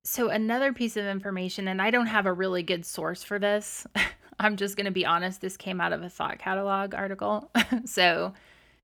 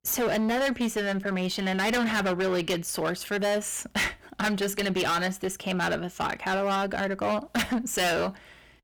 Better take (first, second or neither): first